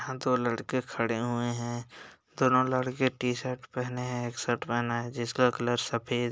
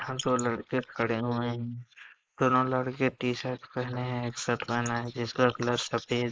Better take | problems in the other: first | noise reduction (neural mask model Resemble Enhance denoiser)

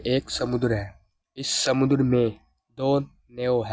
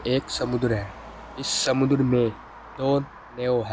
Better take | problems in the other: first | background sound (Traffic noise, roadway noise); 18 dB below the speech

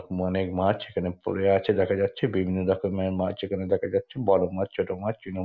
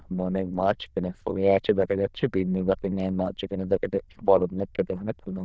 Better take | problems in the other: first | noise reduction (neural diffusion model UNIVERSE++)

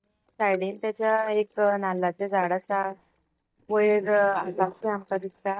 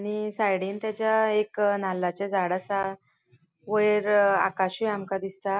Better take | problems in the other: second | noise reduction (neural mask model DeepFilterNet 3)

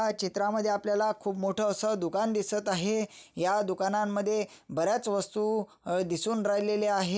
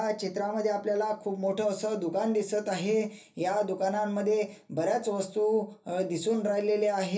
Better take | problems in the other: first | room echo; dies away in 0.3 s

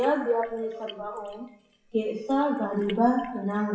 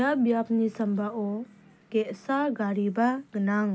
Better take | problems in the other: second | noise reduction (classical method WPE with log-MMSE)

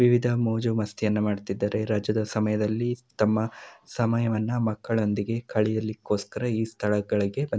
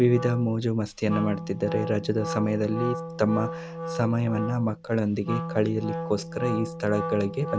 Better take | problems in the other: first | background sound (Wind instrument, woodwind instrument); 8 dB below the speech

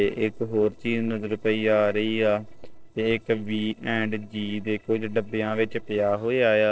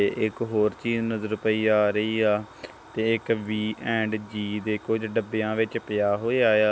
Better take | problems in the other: second | noise reduction (neural separator model SepFormer DNS4)

